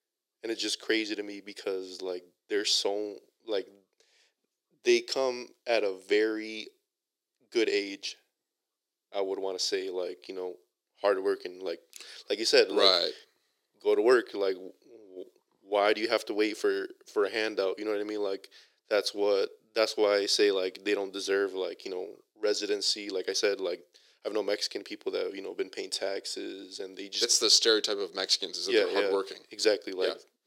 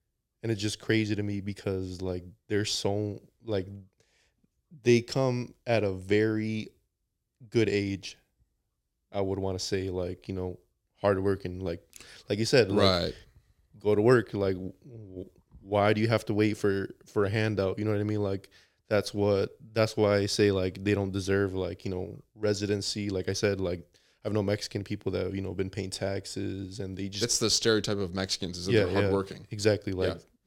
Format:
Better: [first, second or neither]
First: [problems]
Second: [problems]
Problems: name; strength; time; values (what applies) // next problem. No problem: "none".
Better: second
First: thin; somewhat; fading below 350 Hz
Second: none